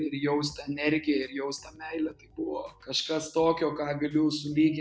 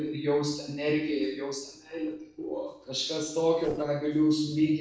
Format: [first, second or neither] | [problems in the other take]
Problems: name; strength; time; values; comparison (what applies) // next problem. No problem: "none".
first | noise reduction (neural separator model SepFormer DNS4)